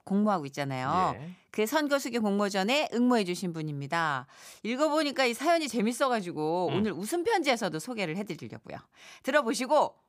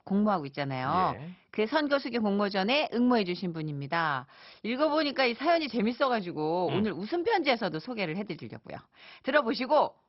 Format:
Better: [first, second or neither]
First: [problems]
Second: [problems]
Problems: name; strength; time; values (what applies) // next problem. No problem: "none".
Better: first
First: none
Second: garbled, watery; badly; nothing above 5.5 kHz